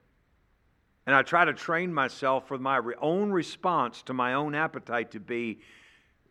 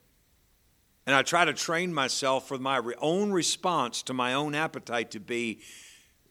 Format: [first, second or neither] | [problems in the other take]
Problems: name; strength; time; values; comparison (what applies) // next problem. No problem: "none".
second | muffled; very; fading above 3.5 kHz